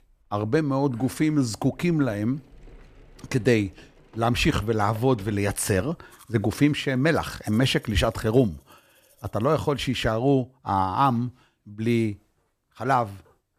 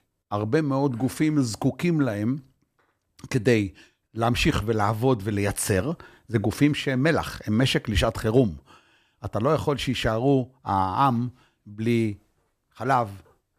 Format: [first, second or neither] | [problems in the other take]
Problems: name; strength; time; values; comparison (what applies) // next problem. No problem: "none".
second | household noises; faint; until 9.5 s; 25 dB below the speech